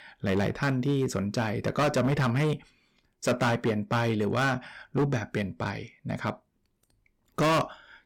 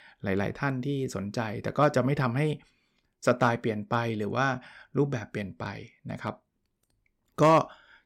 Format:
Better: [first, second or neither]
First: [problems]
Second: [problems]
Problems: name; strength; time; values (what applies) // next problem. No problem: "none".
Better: second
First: distortion; heavy; 9% of the sound clipped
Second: none